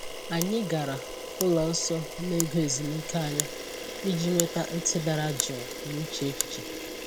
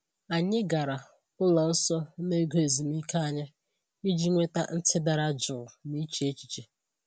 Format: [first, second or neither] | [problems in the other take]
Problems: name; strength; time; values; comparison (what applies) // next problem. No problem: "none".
second | background sound (Camera); 6 dB below the speech